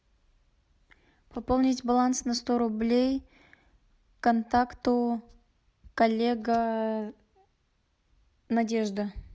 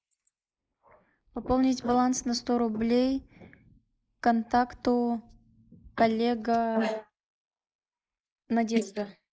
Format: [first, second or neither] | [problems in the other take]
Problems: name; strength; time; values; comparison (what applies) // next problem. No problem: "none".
first | noise reduction (neural mask model Resemble Enhance denoiser)